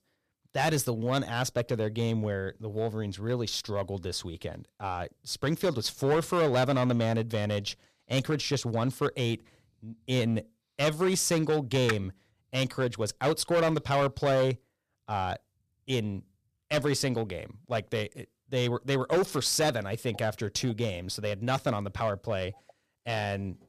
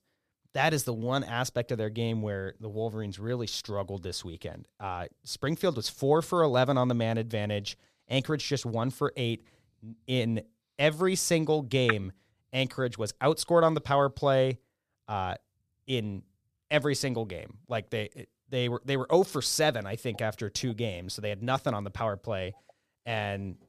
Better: second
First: distortion; slight; 5% of the sound clipped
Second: none

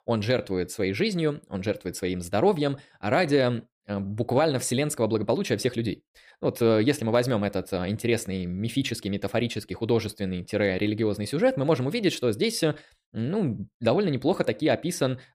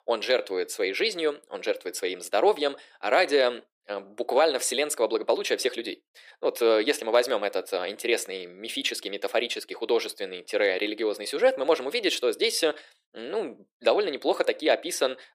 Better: first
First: none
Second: thin; very; fading below 400 Hz

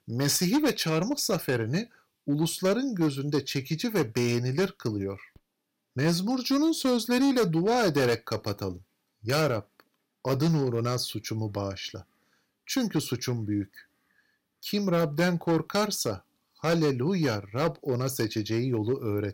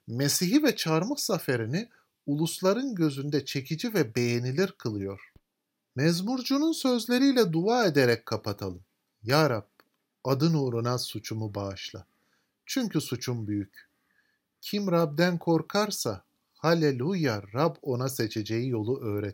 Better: second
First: distortion; slight; 5% of the sound clipped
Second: none

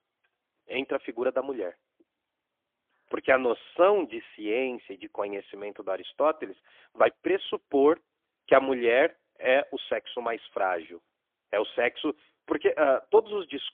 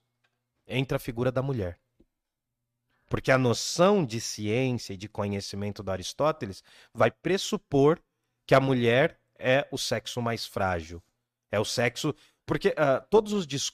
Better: second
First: phone-call audio; poor line; nothing above 3.5 kHz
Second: none

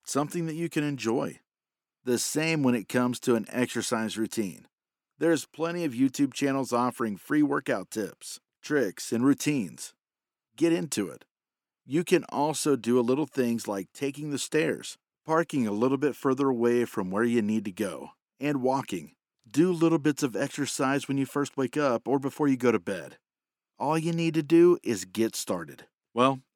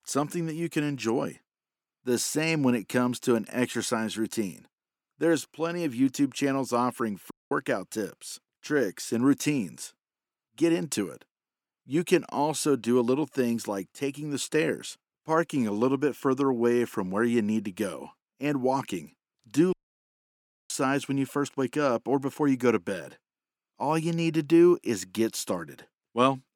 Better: first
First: none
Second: audio cutting out; at 7.5 s and at 20 s for 1 s

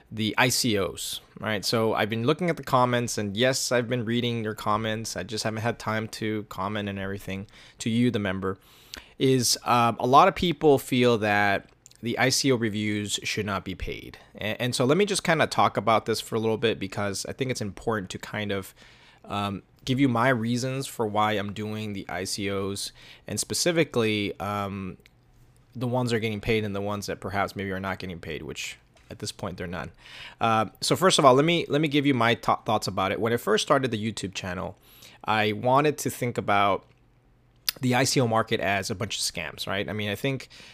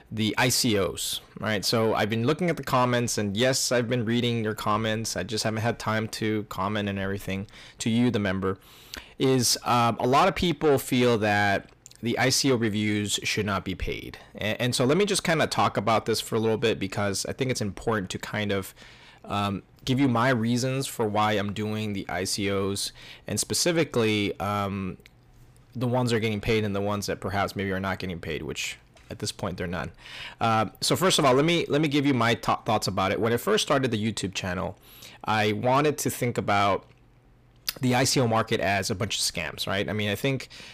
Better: first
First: none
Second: distortion; slight; 10 dB below the speech

